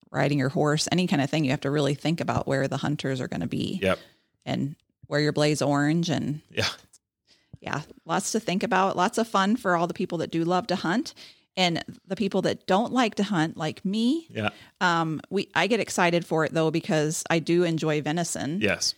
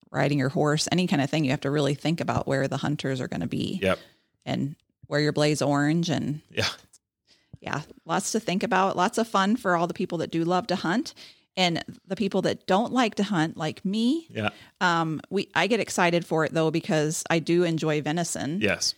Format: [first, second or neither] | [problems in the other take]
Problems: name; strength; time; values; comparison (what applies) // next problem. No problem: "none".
neither | none